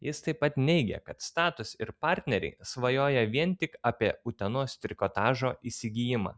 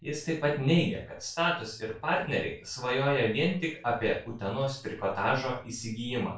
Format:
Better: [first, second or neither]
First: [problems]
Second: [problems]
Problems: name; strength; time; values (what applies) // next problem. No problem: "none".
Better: first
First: none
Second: room echo; dies away in 0.3 s